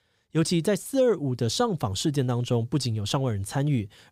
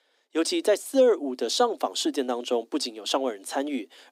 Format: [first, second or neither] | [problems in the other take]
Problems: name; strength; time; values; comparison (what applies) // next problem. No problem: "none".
first | thin; somewhat; fading below 250 Hz